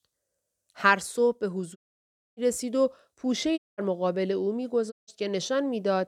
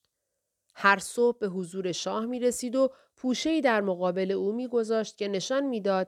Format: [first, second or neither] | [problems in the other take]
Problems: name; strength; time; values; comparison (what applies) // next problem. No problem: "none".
second | audio cutting out; at 2 s for 0.5 s, at 3.5 s and at 5 s